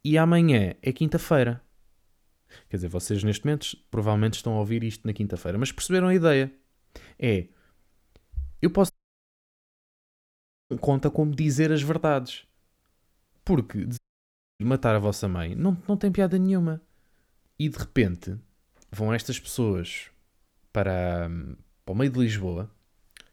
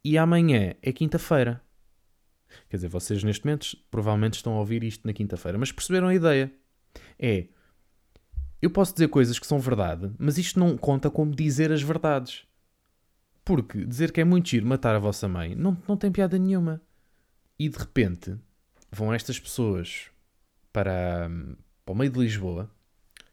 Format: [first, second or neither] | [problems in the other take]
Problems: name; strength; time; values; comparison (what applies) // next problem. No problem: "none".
second | audio cutting out; at 9 s for 2 s and at 14 s for 0.5 s